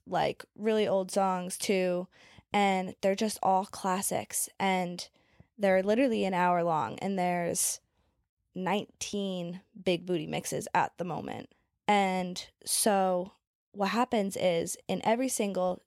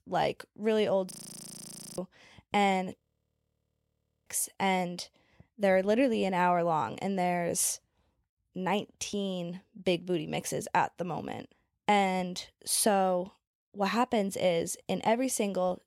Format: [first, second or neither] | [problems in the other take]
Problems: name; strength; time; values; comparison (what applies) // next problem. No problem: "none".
first | audio freezing; at 1 s for 1 s and at 3 s for 1.5 s